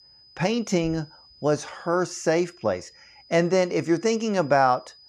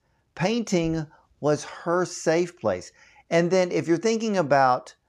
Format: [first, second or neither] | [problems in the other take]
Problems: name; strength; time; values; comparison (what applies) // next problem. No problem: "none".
second | high-pitched whine; faint; throughout; 5 kHz, 25 dB below the speech